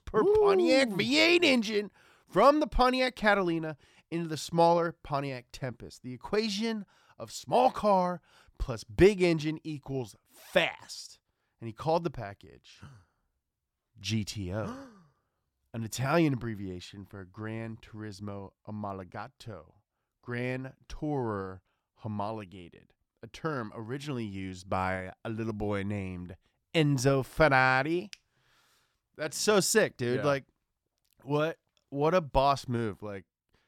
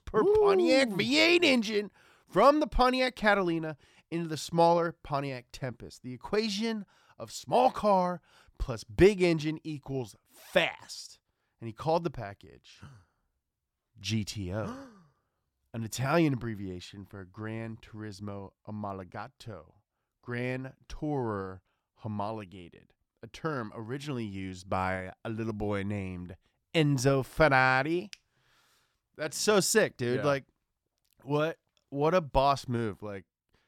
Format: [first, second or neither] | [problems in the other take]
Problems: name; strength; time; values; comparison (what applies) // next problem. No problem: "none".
neither | none